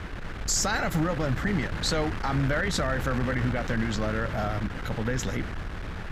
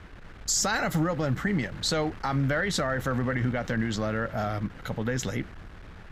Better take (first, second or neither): second